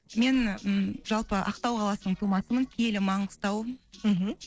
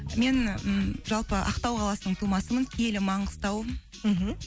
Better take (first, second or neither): second